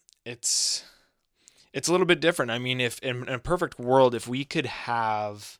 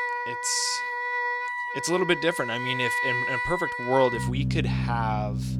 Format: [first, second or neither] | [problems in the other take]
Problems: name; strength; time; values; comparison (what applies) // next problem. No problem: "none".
first | background music; loud; throughout; 1 dB below the speech